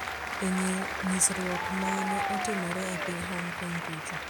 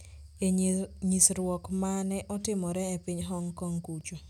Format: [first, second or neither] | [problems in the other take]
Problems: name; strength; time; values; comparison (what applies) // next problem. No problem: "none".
second | background sound (Applause + Applause); 1 dB below the speech